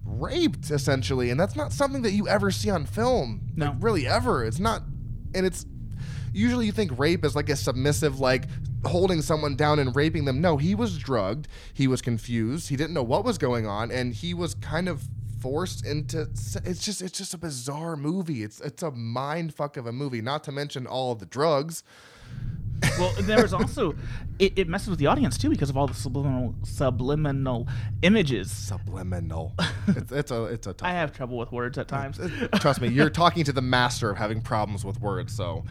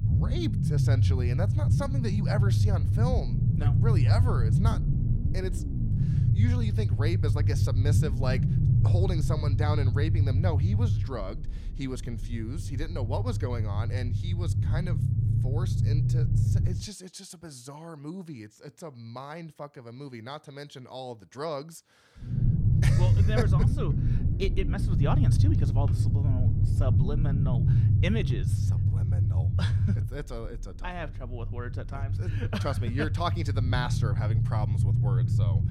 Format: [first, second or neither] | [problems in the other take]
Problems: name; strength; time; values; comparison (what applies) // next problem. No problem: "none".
first | low rumble; loud; until 17 s and from 22 s on; 1 dB below the speech; faint in the first